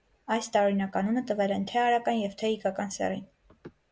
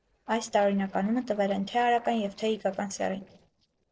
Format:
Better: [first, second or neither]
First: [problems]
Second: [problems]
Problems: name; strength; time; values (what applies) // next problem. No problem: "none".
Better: first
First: none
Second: noise reduction (neural separator model SepFormer DNS4)